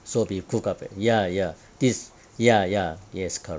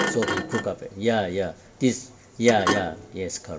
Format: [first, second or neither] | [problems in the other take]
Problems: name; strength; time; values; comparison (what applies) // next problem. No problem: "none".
first | background sound (Thump, thud); 6 dB below the speech // room echo; dies away in 1.4 s